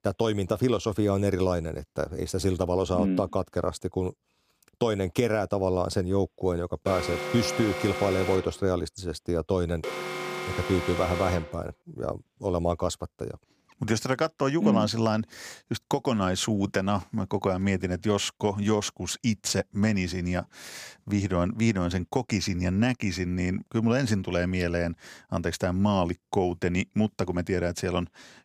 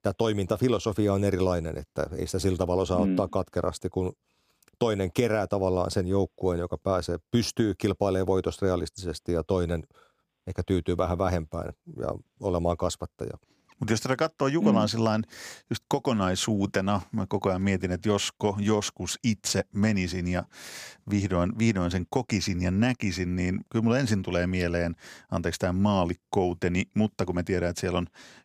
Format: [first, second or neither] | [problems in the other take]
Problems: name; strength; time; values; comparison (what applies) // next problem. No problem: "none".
second | alarm; noticeable; from 7 to 12 s; peak 3 dB below the speech